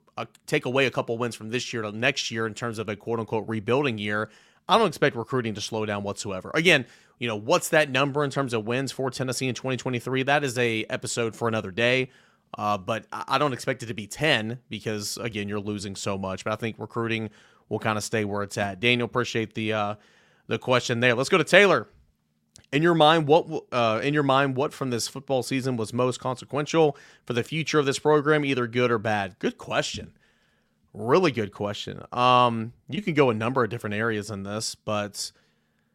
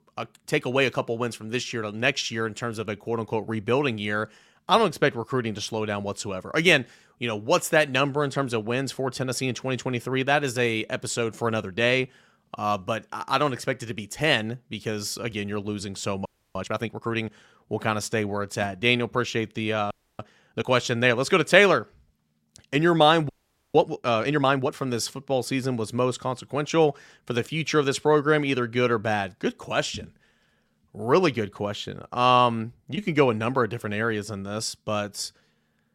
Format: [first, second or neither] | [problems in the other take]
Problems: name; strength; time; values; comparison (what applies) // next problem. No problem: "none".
first | audio freezing; at 16 s, at 20 s and at 23 s